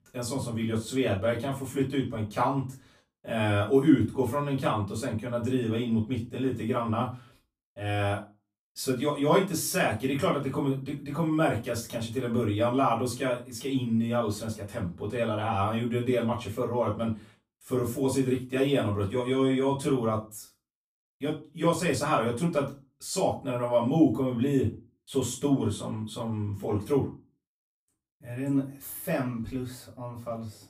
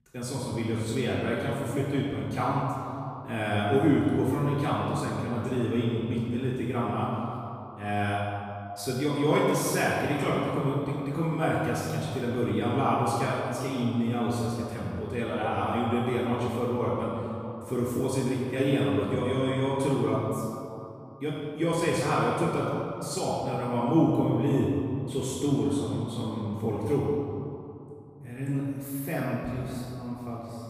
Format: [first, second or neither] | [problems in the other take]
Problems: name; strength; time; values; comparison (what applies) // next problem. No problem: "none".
first | room echo; strong; dies away in 2.6 s; slight in the first // off-mic speech; far; far in the first